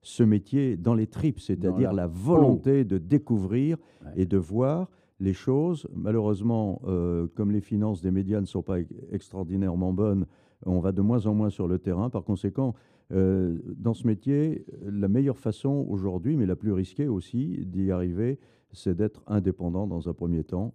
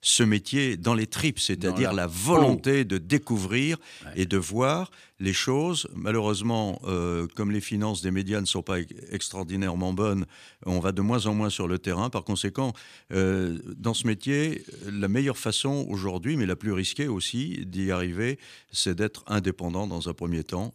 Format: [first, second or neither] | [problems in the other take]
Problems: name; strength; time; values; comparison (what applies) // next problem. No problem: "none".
second | muffled; very; fading above 1 kHz